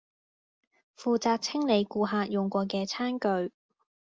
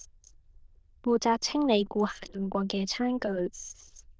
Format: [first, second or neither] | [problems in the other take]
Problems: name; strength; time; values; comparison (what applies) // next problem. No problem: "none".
first | noise reduction (neural diffusion model UNIVERSE++)